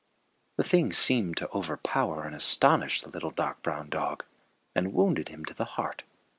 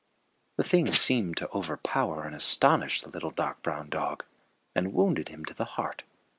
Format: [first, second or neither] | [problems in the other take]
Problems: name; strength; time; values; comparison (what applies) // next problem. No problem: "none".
first | noise reduction (neural mask model Resemble Enhance denoiser)